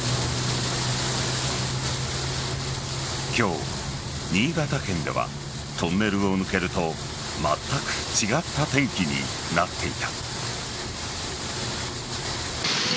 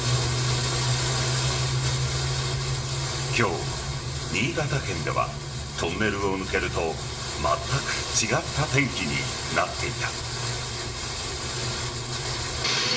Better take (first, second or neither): first